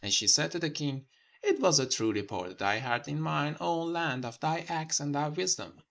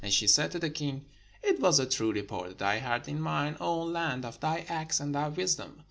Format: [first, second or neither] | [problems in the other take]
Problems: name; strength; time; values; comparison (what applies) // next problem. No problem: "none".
second | noise reduction (neural mask model Resemble Enhance denoiser)